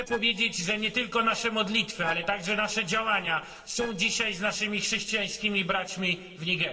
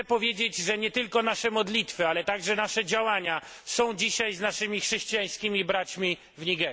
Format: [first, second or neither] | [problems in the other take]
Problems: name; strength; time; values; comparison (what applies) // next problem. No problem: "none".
second | noise reduction (neural separator model SepFormer DNS4)